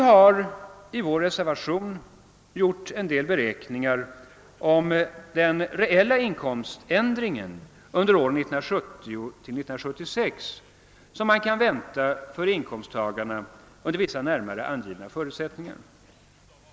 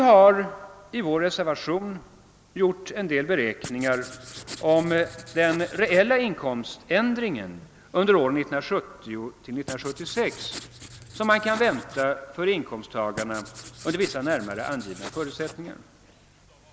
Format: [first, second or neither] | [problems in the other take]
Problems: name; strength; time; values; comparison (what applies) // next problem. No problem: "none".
first | background sound (Writing); 17 dB below the speech